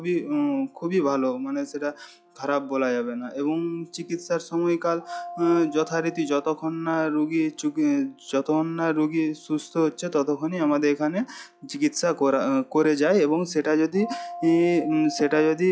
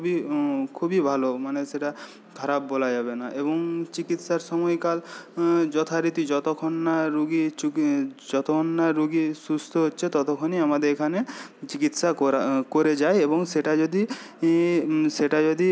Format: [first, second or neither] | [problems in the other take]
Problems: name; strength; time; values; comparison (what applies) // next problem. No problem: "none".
second | noise reduction (classical method log-MMSE)